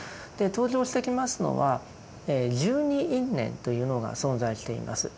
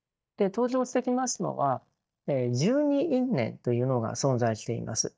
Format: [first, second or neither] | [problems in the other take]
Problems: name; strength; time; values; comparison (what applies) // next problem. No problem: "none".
first | noise reduction (neural mask model DeepFilterNet 3)